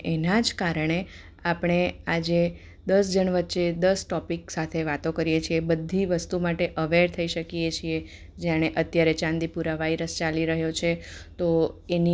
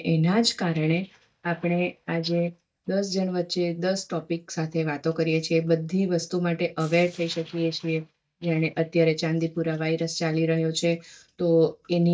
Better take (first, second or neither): first